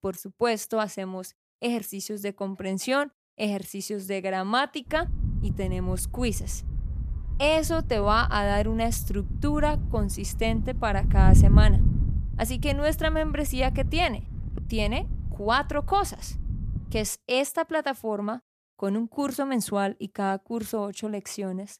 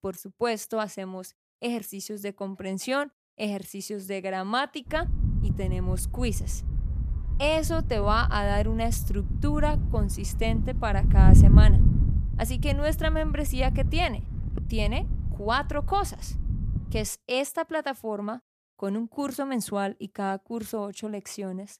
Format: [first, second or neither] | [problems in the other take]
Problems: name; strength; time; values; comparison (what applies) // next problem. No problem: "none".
first | wind noise on the microphone; heavy; from 5 to 17 s; 9 dB below the speech; occasional gusts in the first